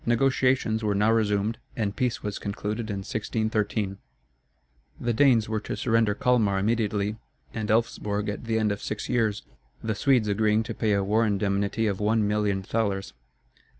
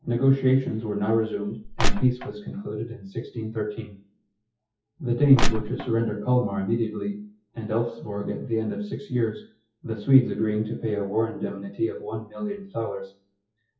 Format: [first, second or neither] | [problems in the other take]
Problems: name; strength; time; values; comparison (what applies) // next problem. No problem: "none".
first | noise reduction (classical method WPE with log-MMSE)